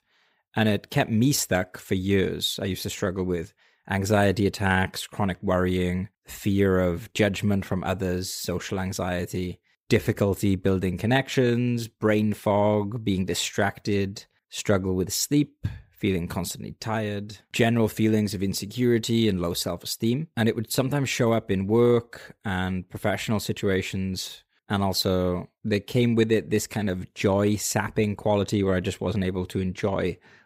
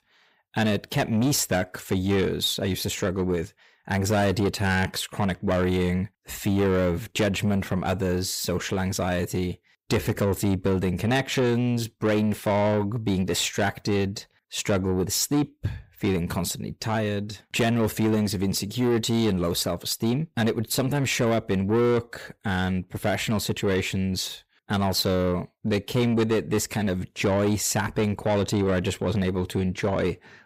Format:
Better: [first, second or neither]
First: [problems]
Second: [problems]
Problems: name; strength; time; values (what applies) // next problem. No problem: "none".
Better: first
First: none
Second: distortion; slight; 10 dB below the speech